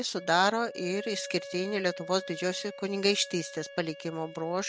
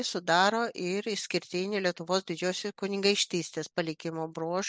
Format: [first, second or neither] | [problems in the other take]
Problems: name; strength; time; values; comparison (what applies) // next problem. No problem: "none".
second | background sound (Wind instrument, woodwind instrument); 14 dB below the speech